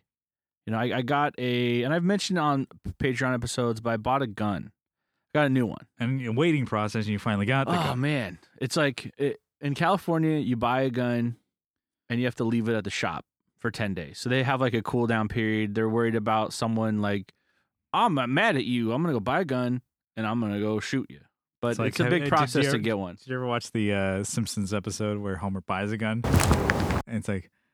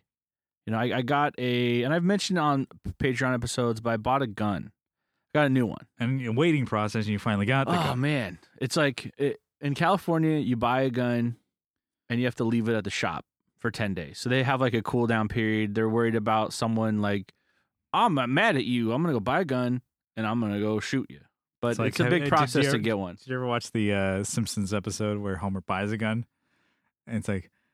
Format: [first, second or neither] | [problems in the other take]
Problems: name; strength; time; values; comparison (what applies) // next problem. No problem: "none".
second | footsteps; loud; at 26 s; peak 5 dB above the speech